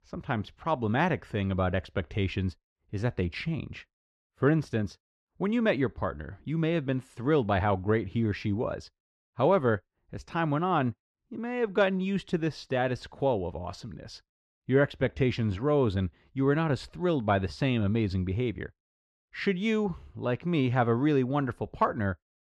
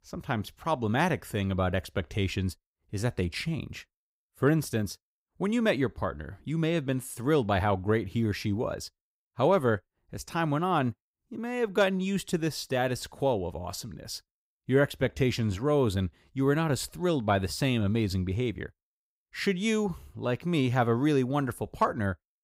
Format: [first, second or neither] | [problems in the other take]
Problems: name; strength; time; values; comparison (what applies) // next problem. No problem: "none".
second | muffled; slightly; fading above 3.5 kHz